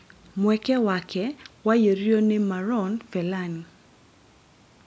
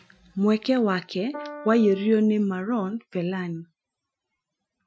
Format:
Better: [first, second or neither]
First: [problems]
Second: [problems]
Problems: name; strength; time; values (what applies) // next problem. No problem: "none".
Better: first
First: none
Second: noise reduction (classical method Wiener filter)